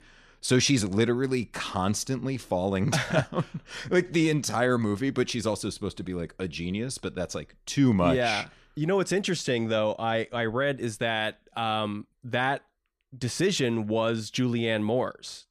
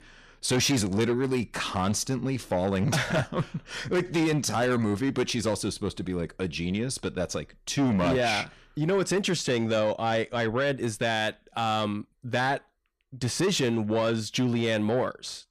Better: first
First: none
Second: distortion; slight; 10 dB below the speech

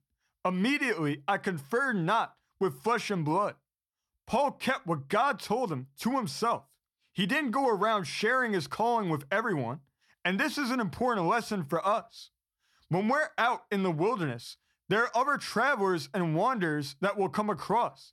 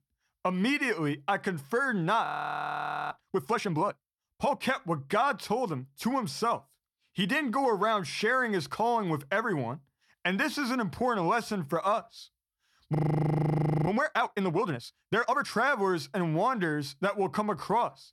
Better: first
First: none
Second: audio freezing; at 2.5 s for 1 s and at 13 s for 1 s

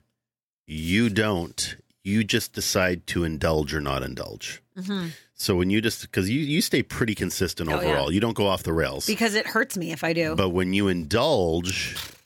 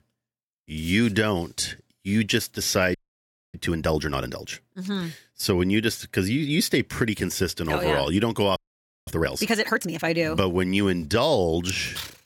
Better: first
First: none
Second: audio freezing; at 3 s for 0.5 s and at 8.5 s for 0.5 s

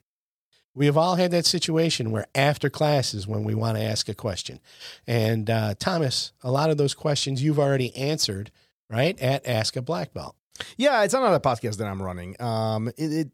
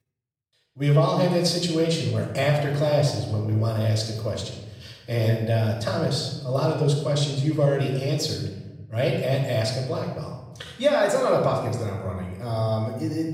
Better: first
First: none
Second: room echo; noticeable; dies away in 1.1 s // off-mic speech; far

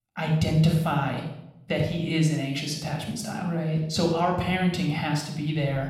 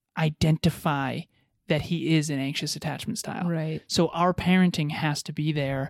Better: second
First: off-mic speech; somewhat distant // room echo; noticeable; dies away in 0.7 s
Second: none

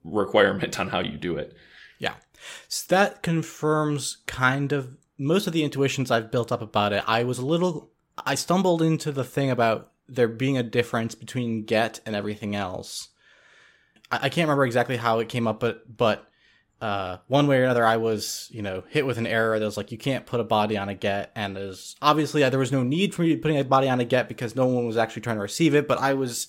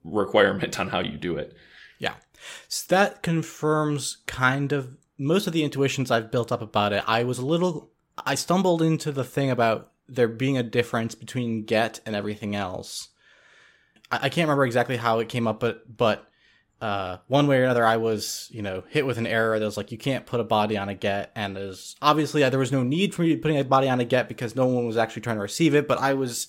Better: neither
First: none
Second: none

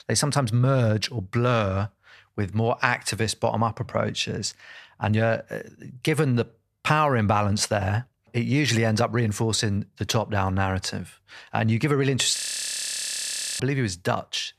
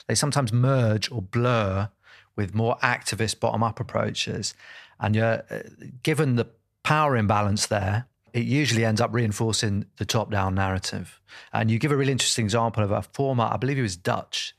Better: second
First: audio freezing; at 12 s for 1 s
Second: none

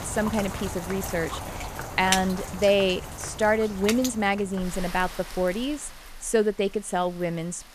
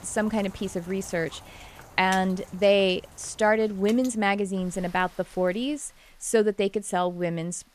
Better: second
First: rain or running water; loud; throughout; 8 dB below the speech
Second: rain or running water; faint; throughout; 20 dB below the speech

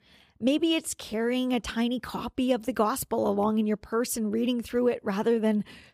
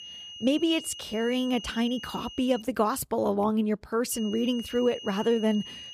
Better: first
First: none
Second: high-pitched whine; noticeable; until 2.5 s and from 4 s on; 3 kHz, 15 dB below the speech

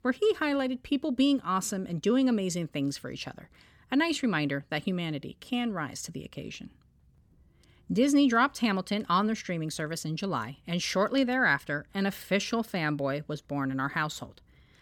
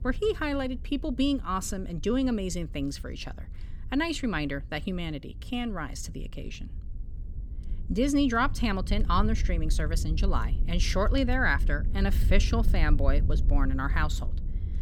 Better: first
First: none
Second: low rumble; noticeable; throughout; 20 dB below the speech

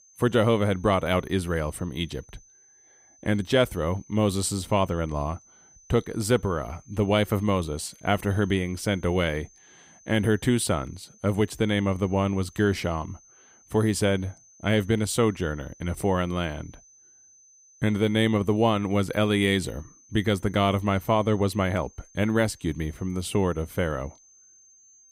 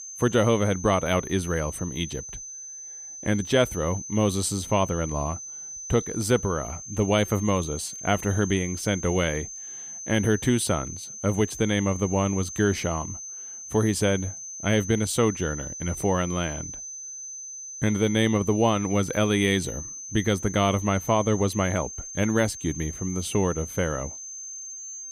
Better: first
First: high-pitched whine; faint; throughout; 6 kHz, 25 dB below the speech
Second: high-pitched whine; loud; throughout; 6 kHz, 10 dB below the speech

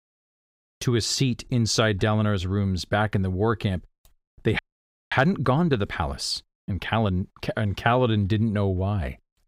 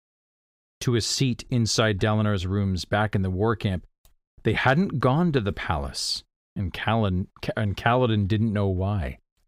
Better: second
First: audio freezing; at 4.5 s for 0.5 s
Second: none

